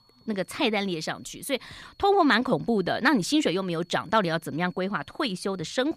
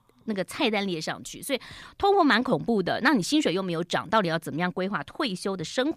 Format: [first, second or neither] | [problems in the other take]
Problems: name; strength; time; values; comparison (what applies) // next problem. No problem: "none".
second | high-pitched whine; faint; throughout; 4.5 kHz, 35 dB below the speech